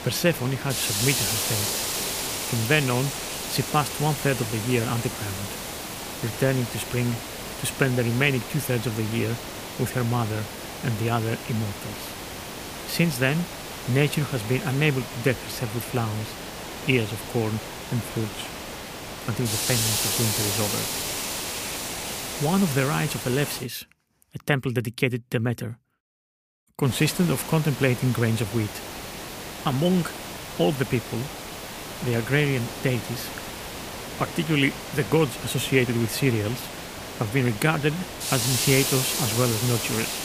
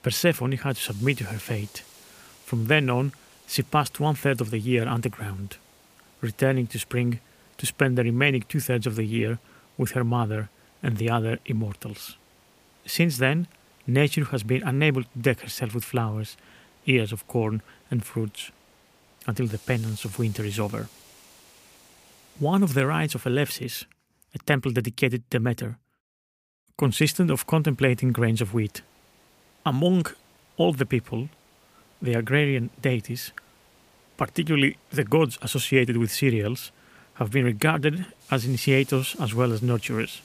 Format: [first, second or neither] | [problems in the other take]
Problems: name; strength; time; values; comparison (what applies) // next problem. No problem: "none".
second | hiss; loud; until 24 s and from 27 s on; 4 dB below the speech; faint in the second